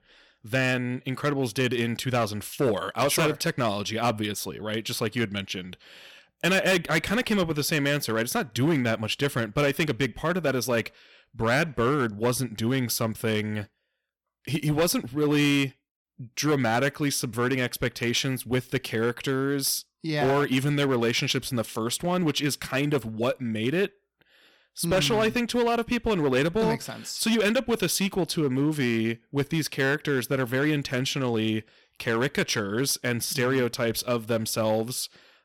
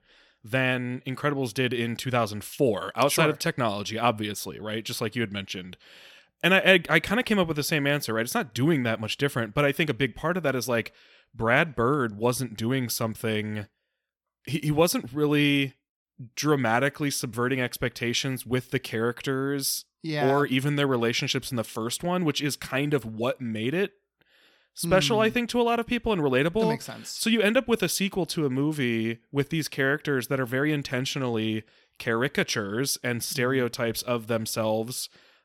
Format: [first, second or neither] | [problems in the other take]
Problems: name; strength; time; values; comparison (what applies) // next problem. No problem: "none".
second | distortion; slight; 6% of the sound clipped